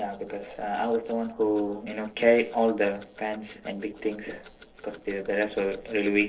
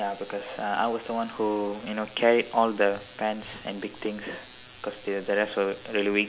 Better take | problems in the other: second | noise reduction (neural separator model SepFormer DNS4)

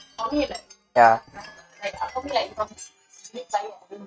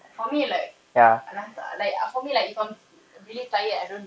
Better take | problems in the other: second | noise reduction (neural mask model RNNoise)

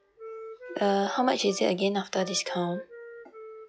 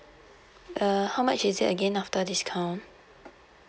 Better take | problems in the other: second | noise reduction (classical method log-MMSE)

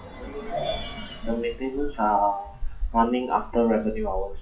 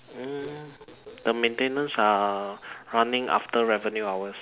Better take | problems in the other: second | noise reduction (classical method WPE with log-MMSE)

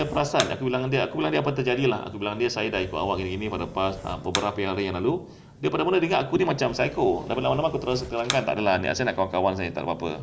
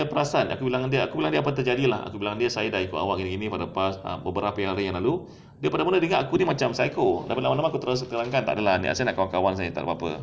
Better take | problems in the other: second | background sound (Fire); 15 dB below the speech

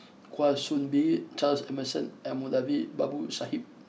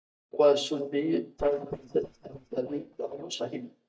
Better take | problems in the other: first | noise reduction (neural mask model DeepFilterNet 3)

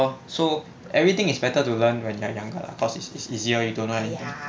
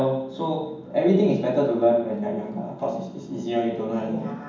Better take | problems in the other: first | room echo; dies away in 1.2 s

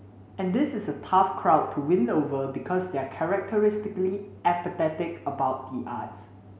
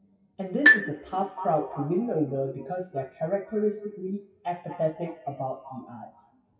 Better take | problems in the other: first | noise reduction (classical method WPE with log-MMSE)

